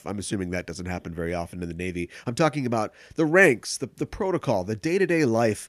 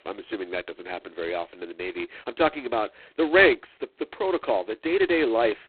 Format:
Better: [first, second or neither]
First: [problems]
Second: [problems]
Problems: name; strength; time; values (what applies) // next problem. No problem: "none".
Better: first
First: none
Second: phone-call audio; poor line; nothing above 4 kHz